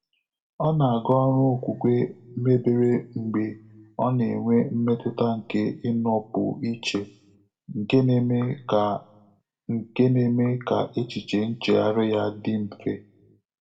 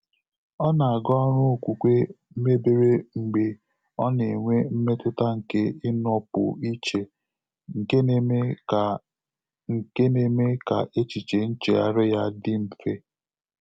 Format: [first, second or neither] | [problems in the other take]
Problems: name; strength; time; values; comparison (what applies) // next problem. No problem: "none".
second | room echo; dies away in 0.3 s